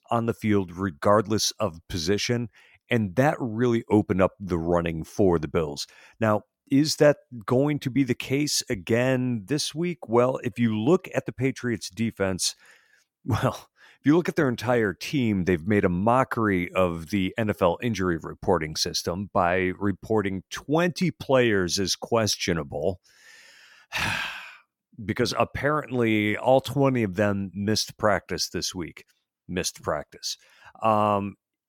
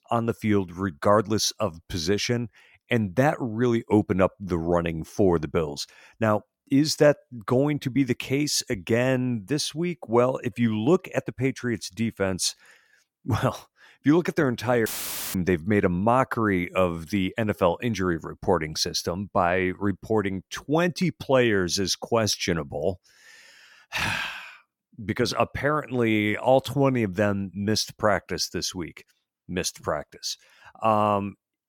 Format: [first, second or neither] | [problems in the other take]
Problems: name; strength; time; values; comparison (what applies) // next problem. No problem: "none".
first | audio cutting out; filled with static; at 15 s